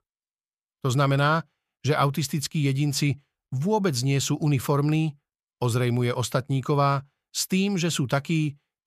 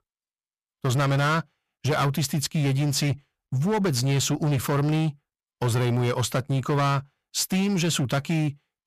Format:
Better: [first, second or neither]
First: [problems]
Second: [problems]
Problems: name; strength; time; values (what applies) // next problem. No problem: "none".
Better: first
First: none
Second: distortion; slight; 19% of the sound clipped